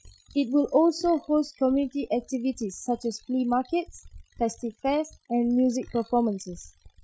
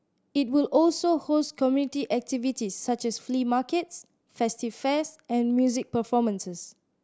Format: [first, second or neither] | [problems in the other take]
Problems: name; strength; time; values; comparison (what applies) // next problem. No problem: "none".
second | noise reduction (classical method Wiener filter)